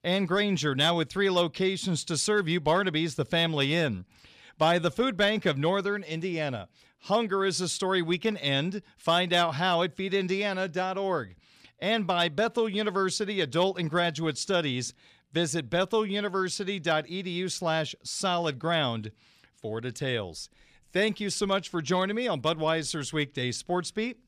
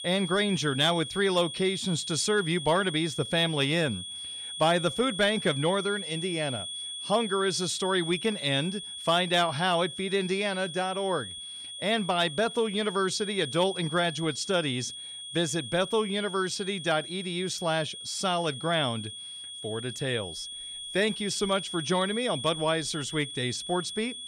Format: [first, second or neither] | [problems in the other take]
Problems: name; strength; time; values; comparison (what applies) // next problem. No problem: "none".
first | high-pitched whine; loud; throughout; 3.5 kHz, 8 dB below the speech